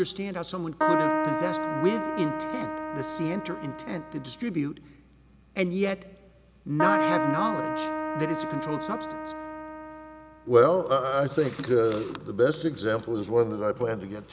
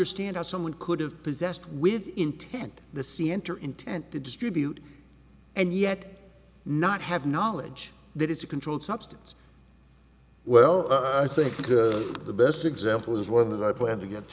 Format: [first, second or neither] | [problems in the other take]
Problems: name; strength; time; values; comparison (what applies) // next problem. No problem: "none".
second | background sound (Keyboard (musical)); 1 dB below the speech